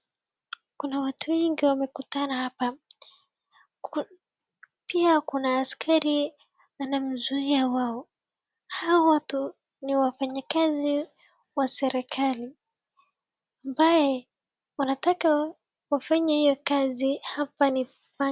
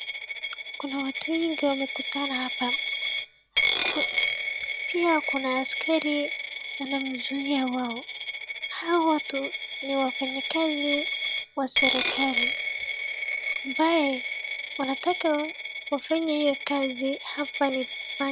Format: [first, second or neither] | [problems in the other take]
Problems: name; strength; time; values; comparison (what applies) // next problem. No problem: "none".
first | background sound (Coin (dropping)); 2 dB below the speech